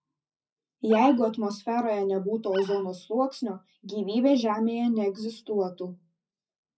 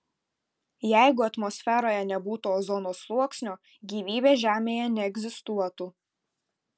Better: second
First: noise reduction (classical method WPE with log-MMSE)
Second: none

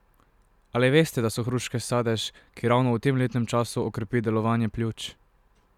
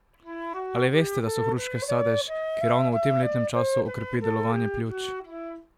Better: first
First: none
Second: background sound (Wind instrument, woodwind instrument); 1 dB below the speech

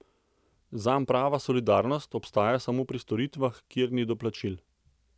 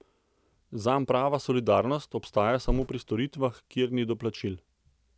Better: first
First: none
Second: background sound (Bird); 9 dB below the speech

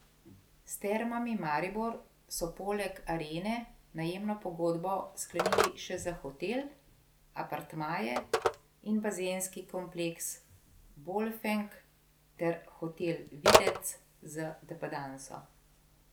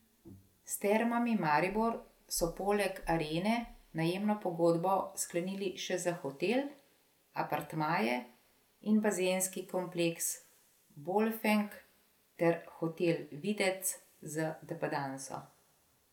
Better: second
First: background sound (Telephone); 1 dB below the speech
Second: none

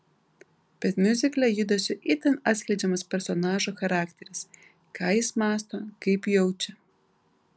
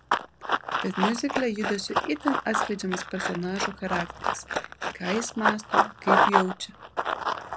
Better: first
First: none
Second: background sound (Run); 3 dB above the speech

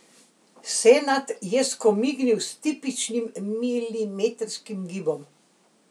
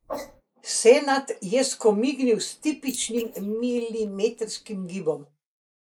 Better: first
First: none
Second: noise reduction (neural mask model Resemble Enhance denoiser)

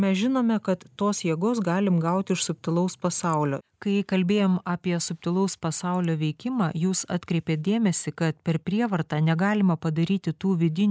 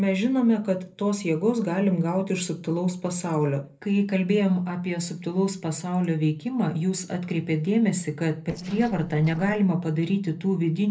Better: first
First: none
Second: noise reduction (neural separator model SepFormer DNS4)

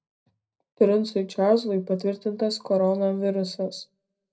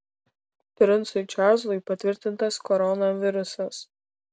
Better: second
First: room echo; dies away in 0.3 s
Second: none

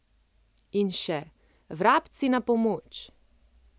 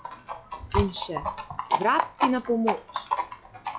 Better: first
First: none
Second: noise reduction (classical method log-MMSE)

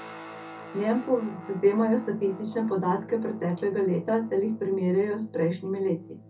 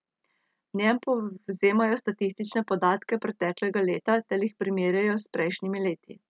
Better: second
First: background sound (Guitar); 16 dB below the speech // room echo; dies away in 0.3 s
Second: none

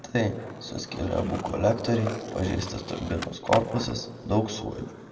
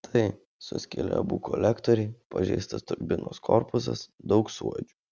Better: second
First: background sound (Skateboard); 10 dB below the speech // room echo; dies away in 1.2 s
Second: none

